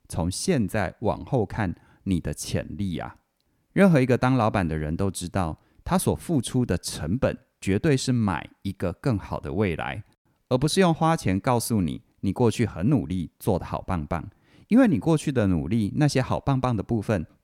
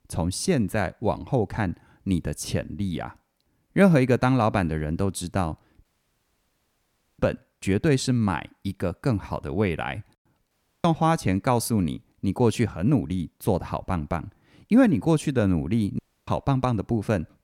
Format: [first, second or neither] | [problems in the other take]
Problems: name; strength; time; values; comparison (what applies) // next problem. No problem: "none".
first | audio cutting out; at 6 s for 1.5 s, at 11 s and at 16 s